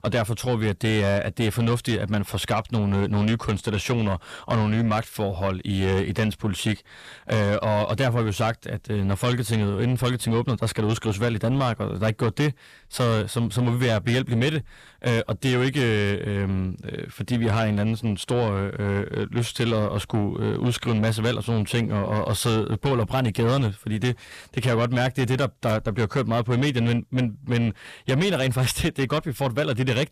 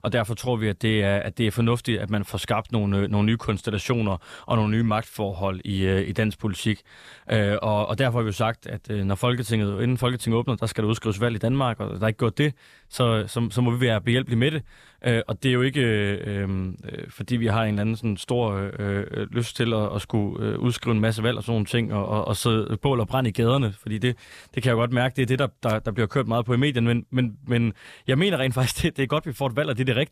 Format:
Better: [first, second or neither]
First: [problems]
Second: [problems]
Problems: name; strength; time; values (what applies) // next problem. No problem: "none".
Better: second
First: distortion; slight; 10 dB below the speech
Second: none